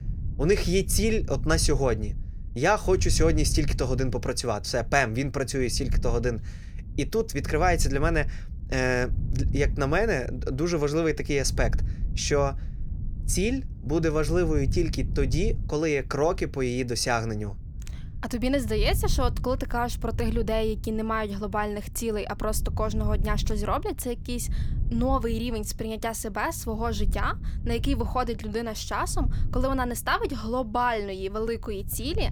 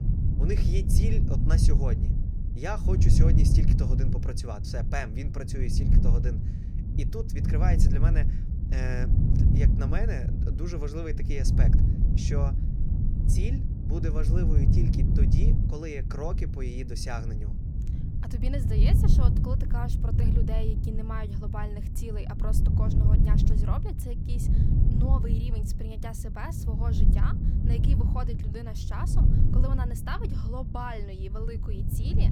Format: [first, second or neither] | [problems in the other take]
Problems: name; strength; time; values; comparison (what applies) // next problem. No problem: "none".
first | low rumble; loud; throughout; 1 dB below the speech; faint in the first